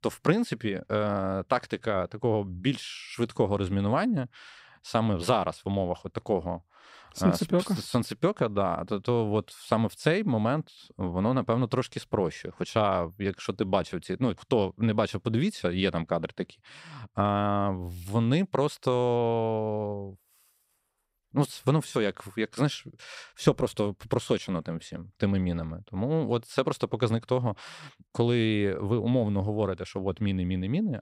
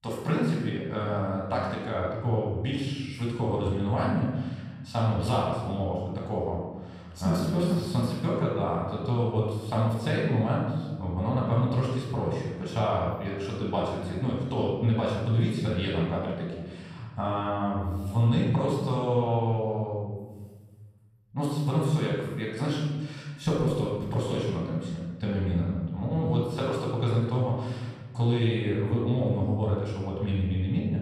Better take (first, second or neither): first